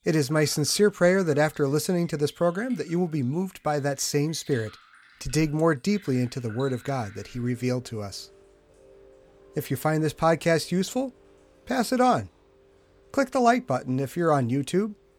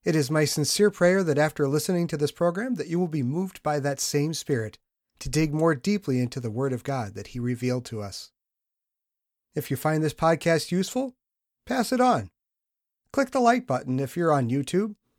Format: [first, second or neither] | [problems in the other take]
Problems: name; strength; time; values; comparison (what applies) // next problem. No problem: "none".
second | rain or running water; faint; throughout; 25 dB below the speech